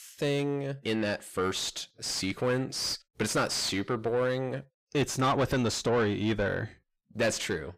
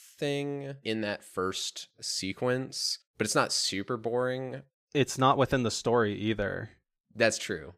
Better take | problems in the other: second | distortion; heavy; 7 dB below the speech

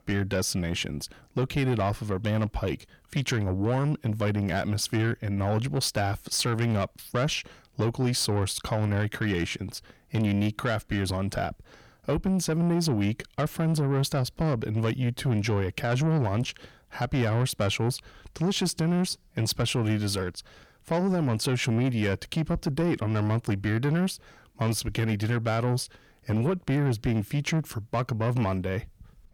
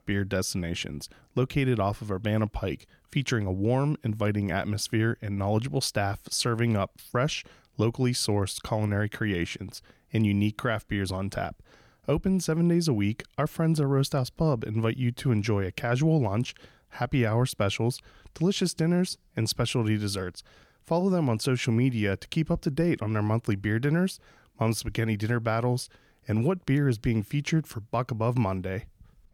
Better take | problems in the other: second | distortion; slight; 10 dB below the speech

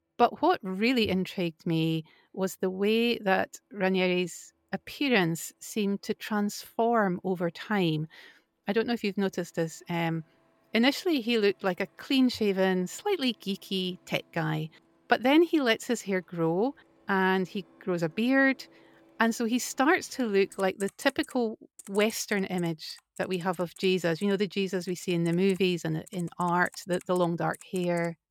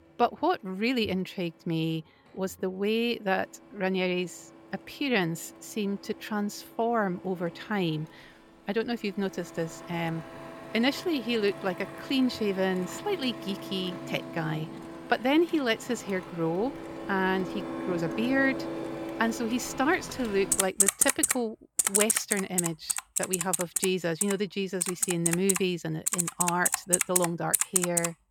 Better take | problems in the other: first | household noises; loud; throughout; as loud as the speech; faint in the first

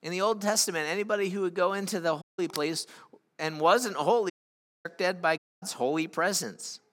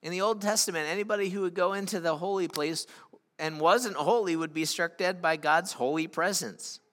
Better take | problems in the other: second | audio cutting out; at 2 s, at 4.5 s for 0.5 s and at 5.5 s

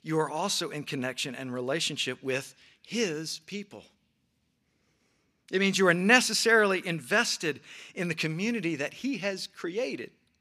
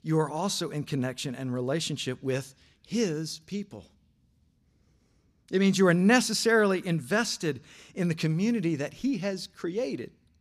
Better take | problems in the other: second | thin; very slightly; fading below 750 Hz

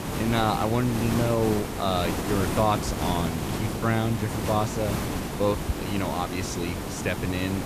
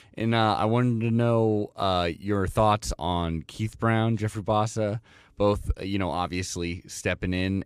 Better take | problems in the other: second | hiss; loud; throughout; 3 dB below the speech

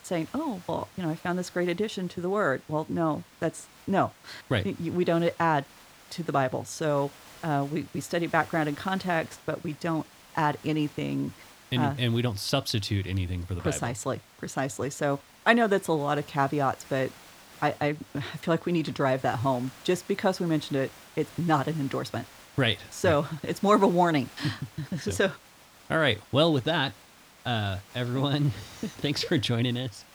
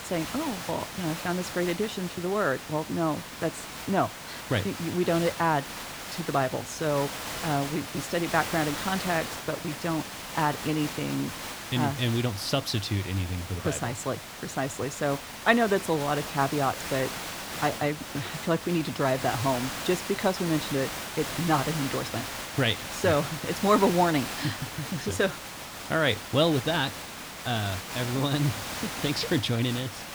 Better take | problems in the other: first | hiss; loud; throughout; 7 dB below the speech; faint in the first

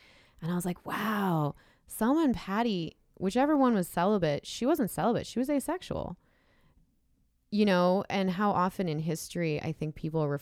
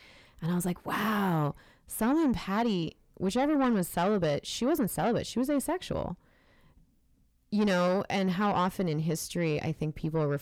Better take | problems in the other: first | distortion; slight; 10 dB below the speech

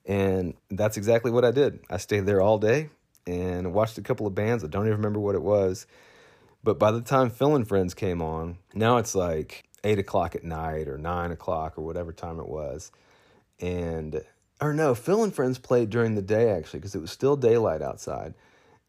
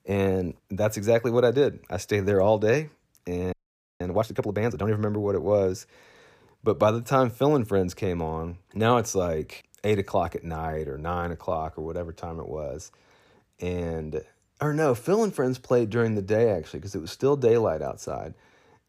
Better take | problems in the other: first | audio freezing; at 3.5 s

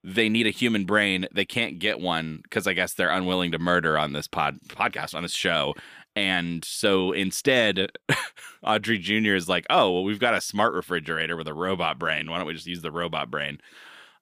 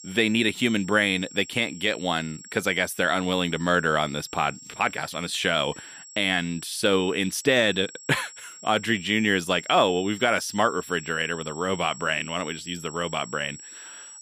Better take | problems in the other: first | high-pitched whine; noticeable; throughout; 7.5 kHz, 15 dB below the speech

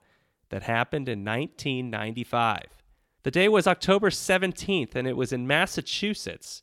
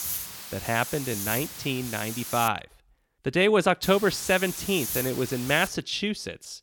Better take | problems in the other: first | hiss; loud; until 2.5 s and from 4 to 5.5 s; 7 dB below the speech

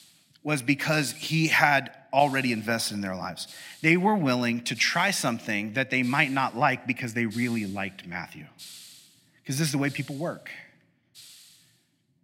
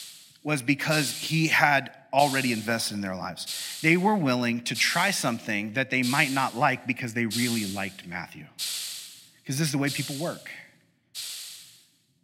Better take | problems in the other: first | hiss; loud; throughout; 9 dB below the speech; faint in the first

